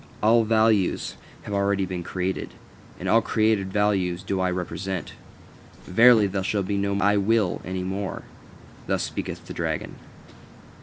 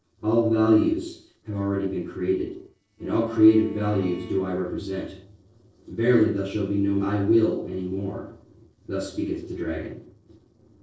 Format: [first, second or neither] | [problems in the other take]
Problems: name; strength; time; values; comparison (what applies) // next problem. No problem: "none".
first | noise reduction (neural separator model SepFormer DNS4)